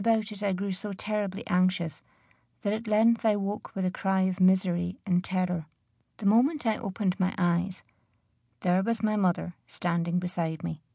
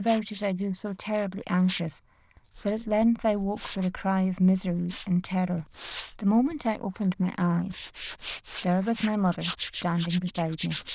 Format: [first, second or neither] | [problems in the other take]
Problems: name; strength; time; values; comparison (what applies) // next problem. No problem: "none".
first | noise reduction (neural diffusion model UNIVERSE++)